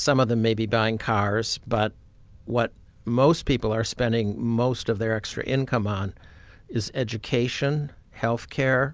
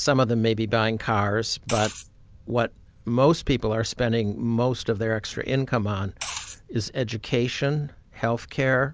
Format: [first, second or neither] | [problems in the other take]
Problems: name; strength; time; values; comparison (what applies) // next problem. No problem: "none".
first | background sound (Liquid); 12 dB below the speech